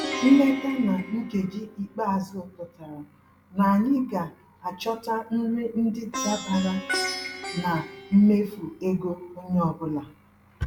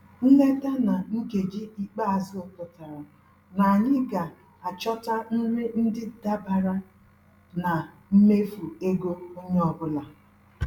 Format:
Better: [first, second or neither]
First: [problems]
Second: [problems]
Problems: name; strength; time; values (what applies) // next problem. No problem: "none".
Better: second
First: background sound (Plucked string instrument); 11 dB below the speech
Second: none